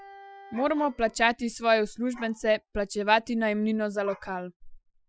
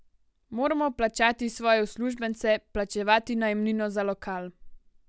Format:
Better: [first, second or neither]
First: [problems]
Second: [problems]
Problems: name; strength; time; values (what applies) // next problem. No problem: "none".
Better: second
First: noise reduction (classical method Wiener filter)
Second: none